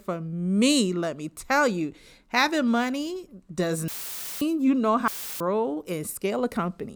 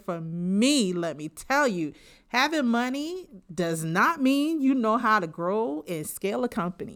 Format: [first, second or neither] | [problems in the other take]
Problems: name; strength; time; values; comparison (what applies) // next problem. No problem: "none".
second | audio cutting out; filled with static; at 4 s for 0.5 s and at 5 s